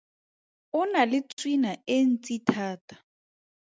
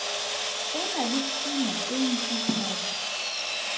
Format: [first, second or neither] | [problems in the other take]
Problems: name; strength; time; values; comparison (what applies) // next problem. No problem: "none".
first | background sound (Sawing); 3 dB above the speech // room echo; dies away in 0.6 s